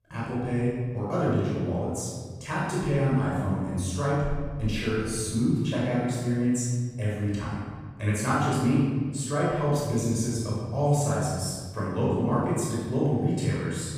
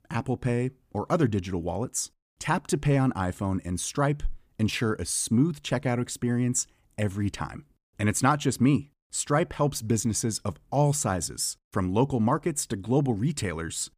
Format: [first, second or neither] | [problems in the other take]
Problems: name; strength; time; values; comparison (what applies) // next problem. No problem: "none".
second | room echo; strong; dies away in 1.6 s // off-mic speech; far